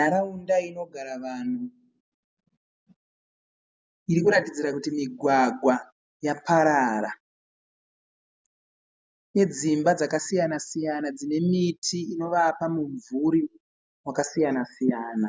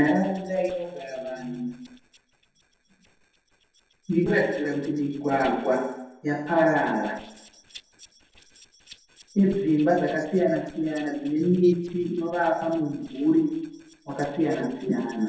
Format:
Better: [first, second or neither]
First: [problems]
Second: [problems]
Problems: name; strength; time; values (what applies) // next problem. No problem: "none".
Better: first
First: none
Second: noise reduction (neural separator model SepFormer DNS4)